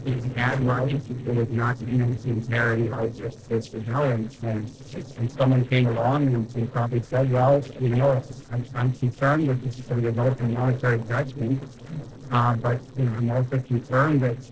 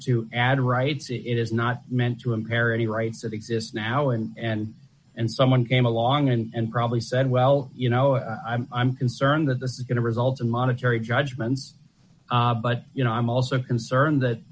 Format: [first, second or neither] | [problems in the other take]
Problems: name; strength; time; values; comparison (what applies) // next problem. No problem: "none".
second | noise reduction (neural separator model SepFormer DNS4)